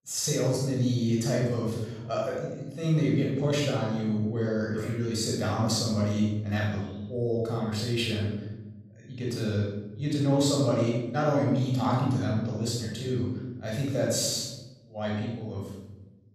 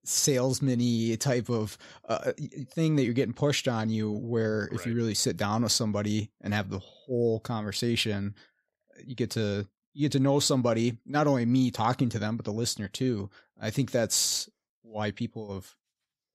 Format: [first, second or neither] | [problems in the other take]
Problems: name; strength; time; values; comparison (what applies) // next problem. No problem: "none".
second | off-mic speech; far // room echo; strong; dies away in 1 s